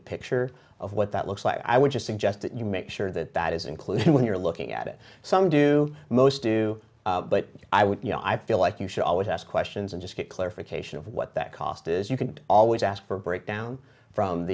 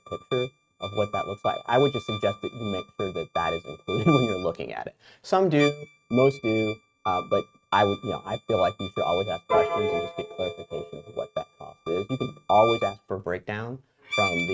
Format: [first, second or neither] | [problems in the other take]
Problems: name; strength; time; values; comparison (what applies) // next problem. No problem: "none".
first | noise reduction (neural mask model RNNoise)